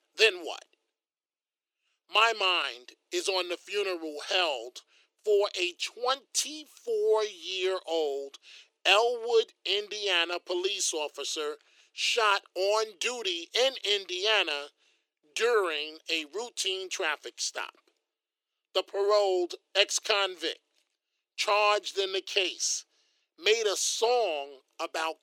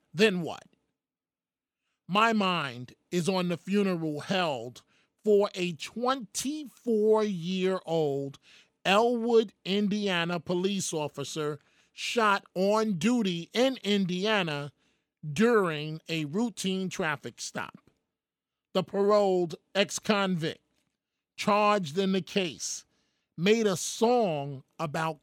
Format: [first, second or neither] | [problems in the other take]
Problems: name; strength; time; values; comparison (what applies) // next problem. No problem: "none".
second | thin; very; fading below 350 Hz